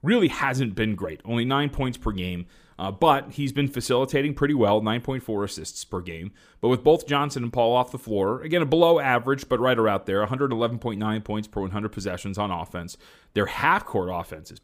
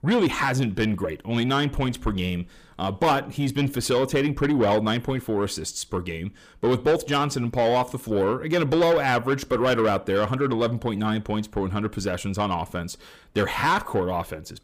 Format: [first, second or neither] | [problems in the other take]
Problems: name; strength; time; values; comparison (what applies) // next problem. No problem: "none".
first | distortion; slight; 10 dB below the speech